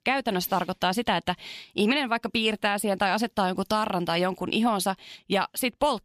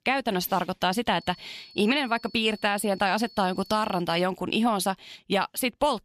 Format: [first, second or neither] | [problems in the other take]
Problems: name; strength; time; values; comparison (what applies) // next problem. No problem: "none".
first | high-pitched whine; faint; from 1 to 4 s; 4.5 kHz, 20 dB below the speech